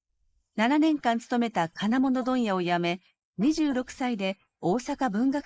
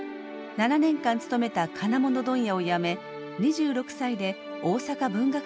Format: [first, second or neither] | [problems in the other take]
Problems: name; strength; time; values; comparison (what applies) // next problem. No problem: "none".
second | noise reduction (neural mask model Resemble Enhance denoiser)